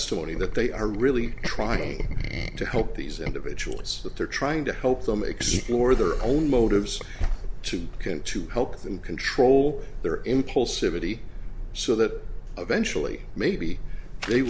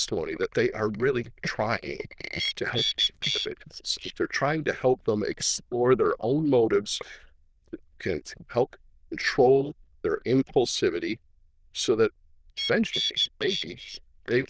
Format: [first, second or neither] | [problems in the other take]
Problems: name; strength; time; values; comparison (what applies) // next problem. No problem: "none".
first | noise reduction (neural diffusion model UNIVERSE++)